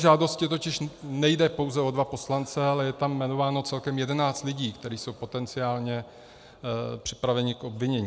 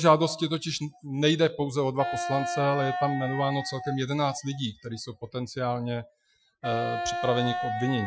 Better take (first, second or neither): first